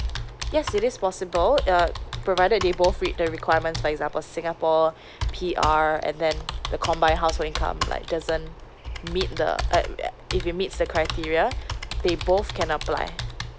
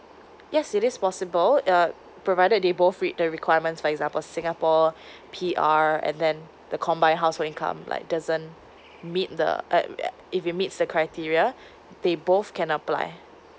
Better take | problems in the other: second | background sound (Computer keyboard); 7 dB below the speech

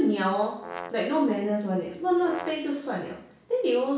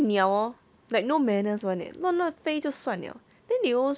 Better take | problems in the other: second | background sound (Brass instrument); 13 dB below the speech // room echo; dies away in 0.6 s

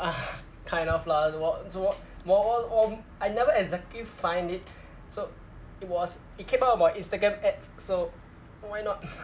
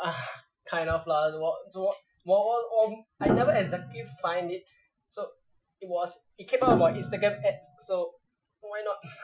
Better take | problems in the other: first | noise reduction (classical method Wiener filter)

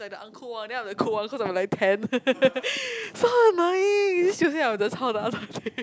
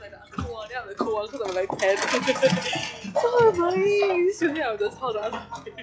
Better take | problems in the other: first | noise reduction (classical method log-MMSE)

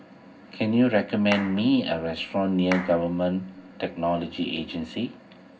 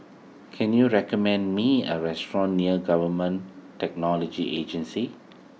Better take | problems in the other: second | background sound (Clapping); 13 dB below the speech // room echo; dies away in 0.4 s

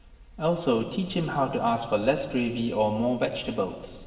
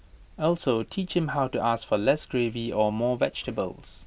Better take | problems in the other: second | room echo; dies away in 1.7 s

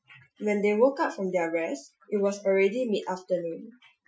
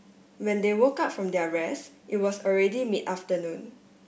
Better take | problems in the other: second | noise reduction (classical method Wiener filter)

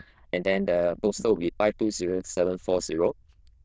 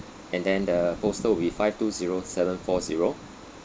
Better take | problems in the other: second | noise reduction (neural diffusion model UNIVERSE++)

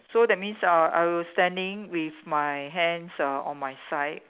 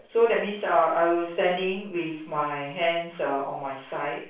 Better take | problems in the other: first | room echo; dies away in 0.4 s

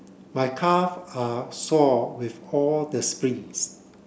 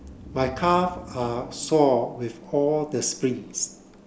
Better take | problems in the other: first | background sound (Breathing); 19 dB below the speech

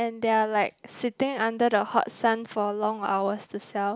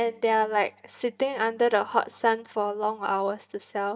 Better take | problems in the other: first | noise reduction (neural mask model DeepFilterNet 3)

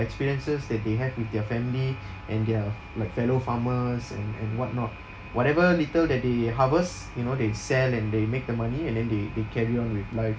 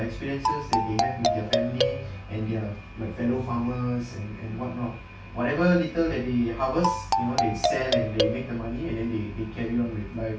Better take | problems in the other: first | background sound (Marimba, xylophone); 1 dB above the speech // room echo; dies away in 0.3 s

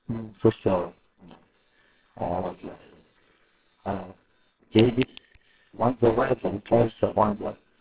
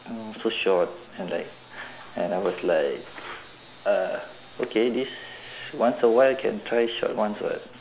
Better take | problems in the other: second | noise reduction (neural separator model SepFormer WHAMR!)

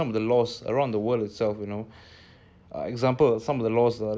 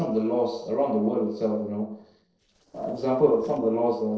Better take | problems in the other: first | noise reduction (neural separator model SepFormer DNS4)

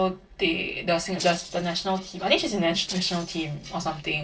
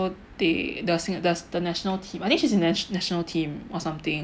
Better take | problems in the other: second | noise reduction (neural separator model SepFormer DNS4)

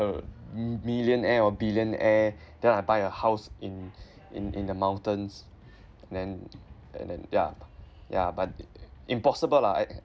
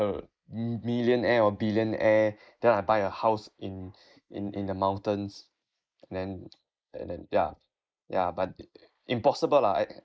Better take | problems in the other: first | noise reduction (neural mask model Resemble Enhance denoiser)

